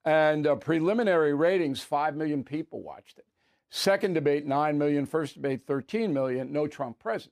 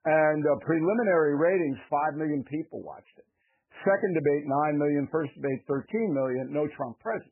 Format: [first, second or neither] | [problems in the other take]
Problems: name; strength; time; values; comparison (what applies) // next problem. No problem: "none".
first | garbled, watery; badly; nothing above 2.5 kHz